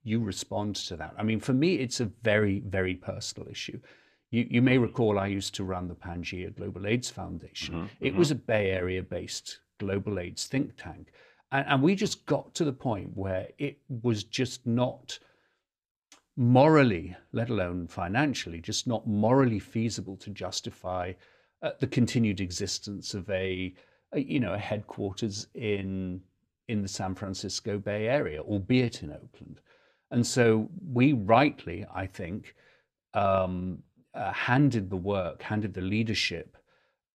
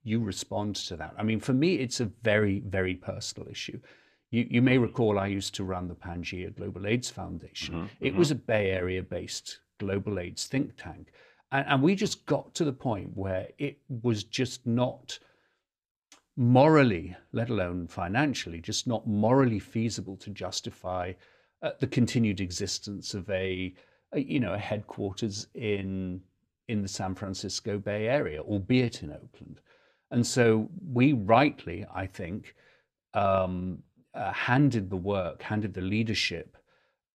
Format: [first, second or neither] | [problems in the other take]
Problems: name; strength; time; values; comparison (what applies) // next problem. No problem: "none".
neither | none